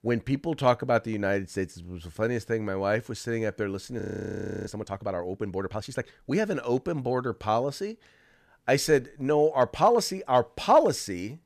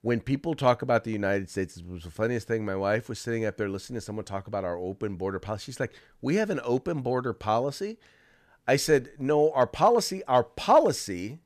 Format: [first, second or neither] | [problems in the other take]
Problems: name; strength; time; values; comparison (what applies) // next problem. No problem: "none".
second | audio freezing; at 4 s for 0.5 s